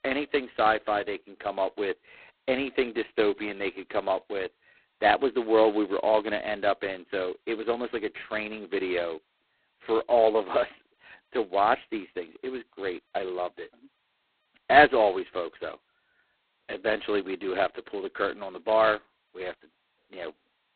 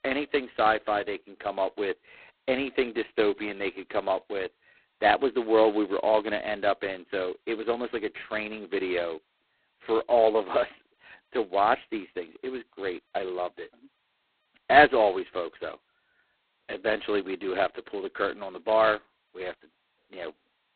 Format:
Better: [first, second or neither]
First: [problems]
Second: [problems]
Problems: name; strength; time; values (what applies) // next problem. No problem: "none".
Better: neither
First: phone-call audio; poor line; nothing above 4 kHz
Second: phone-call audio; poor line; nothing above 4 kHz